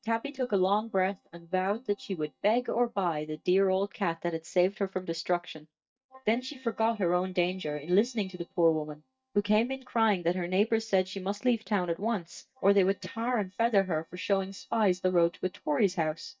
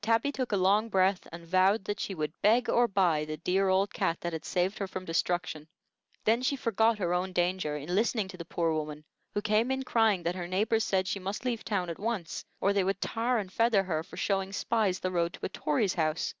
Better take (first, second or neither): second